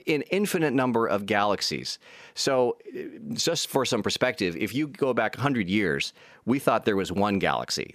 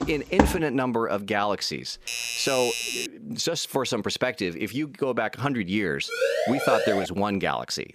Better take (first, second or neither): first